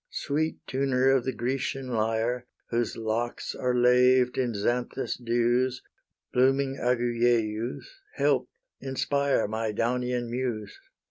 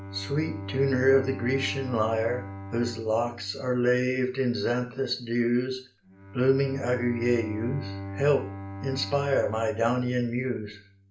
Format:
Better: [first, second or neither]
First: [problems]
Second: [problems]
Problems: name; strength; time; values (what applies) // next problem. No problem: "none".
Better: first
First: none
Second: background sound (Bowed string instrument); 12 dB below the speech // room echo; dies away in 0.4 s